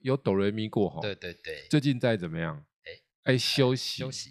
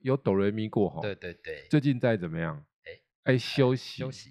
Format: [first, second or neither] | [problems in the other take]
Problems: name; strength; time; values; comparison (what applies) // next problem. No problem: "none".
first | muffled; slightly; fading above 3.5 kHz